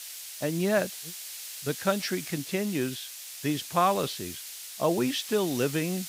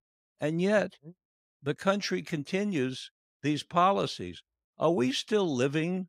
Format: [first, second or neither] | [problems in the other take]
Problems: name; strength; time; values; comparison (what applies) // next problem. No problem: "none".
second | hiss; loud; throughout; 9 dB below the speech